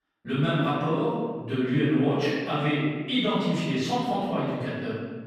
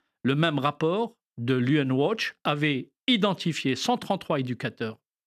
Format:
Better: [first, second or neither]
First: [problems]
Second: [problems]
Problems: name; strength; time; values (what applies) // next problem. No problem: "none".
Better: second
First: off-mic speech; far // room echo; strong; dies away in 1.5 s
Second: none